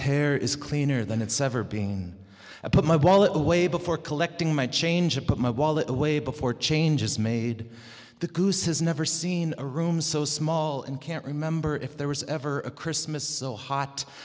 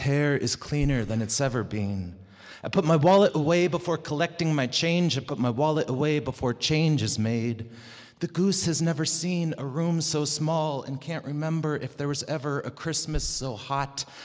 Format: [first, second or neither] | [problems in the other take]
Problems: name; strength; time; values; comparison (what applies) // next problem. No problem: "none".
first | noise reduction (neural mask model Resemble Enhance denoiser)